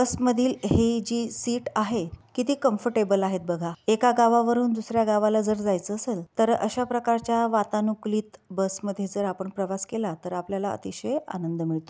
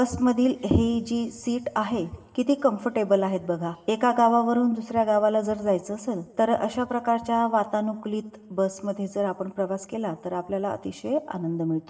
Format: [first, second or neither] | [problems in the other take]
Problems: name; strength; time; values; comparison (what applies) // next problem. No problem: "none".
first | room echo; dies away in 1.2 s